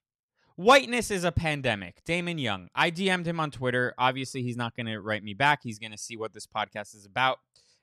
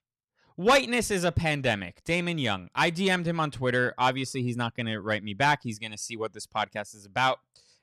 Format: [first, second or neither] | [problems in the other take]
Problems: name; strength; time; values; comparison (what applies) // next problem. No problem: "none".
first | distortion; slight; 10 dB below the speech